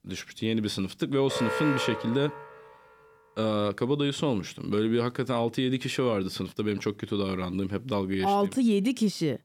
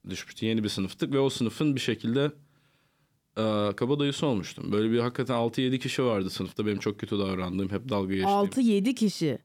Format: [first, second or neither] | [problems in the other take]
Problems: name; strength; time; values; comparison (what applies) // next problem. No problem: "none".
second | alarm; noticeable; from 1.5 to 2.5 s; peak 1 dB below the speech